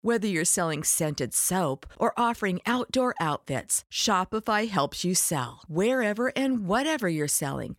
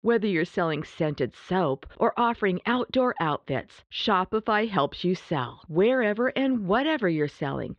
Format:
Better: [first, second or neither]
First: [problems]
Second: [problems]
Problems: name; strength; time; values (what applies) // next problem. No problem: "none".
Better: first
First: none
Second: muffled; very; fading above 4 kHz